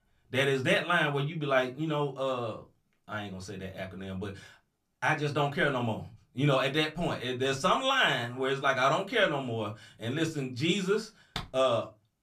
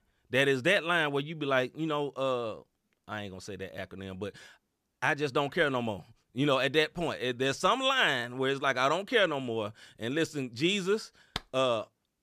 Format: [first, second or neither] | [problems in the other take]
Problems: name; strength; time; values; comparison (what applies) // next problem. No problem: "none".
second | off-mic speech; somewhat distant // room echo; very slight; dies away in 0.2 s